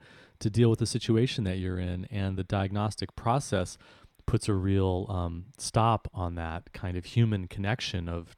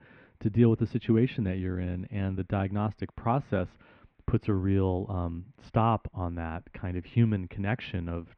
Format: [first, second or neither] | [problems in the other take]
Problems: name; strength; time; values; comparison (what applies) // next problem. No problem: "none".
first | muffled; very; fading above 2.5 kHz